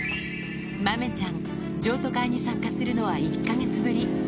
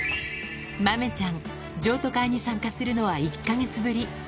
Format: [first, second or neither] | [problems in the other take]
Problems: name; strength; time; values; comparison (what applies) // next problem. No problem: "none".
second | background sound (Piano); as loud as the speech